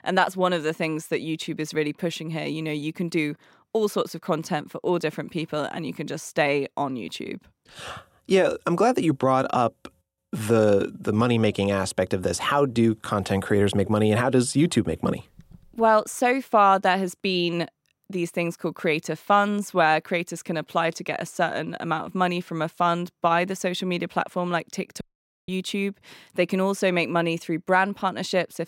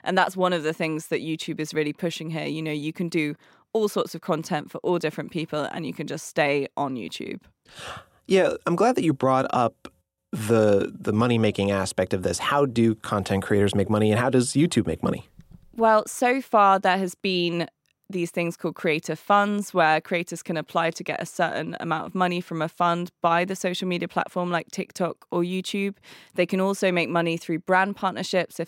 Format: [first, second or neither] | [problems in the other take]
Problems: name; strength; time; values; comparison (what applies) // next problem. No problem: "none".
second | audio cutting out; at 25 s